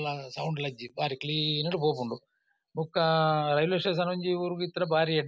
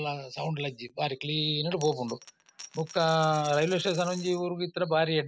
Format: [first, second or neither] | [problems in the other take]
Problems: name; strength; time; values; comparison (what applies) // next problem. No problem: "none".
first | background sound (Coin (dropping)); 18 dB below the speech